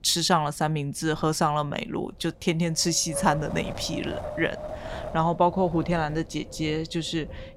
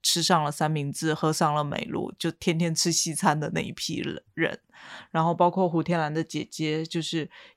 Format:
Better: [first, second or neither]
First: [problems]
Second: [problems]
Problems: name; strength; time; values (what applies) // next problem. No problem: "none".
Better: second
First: wind noise on the microphone; occasional gusts; 10 dB below the speech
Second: none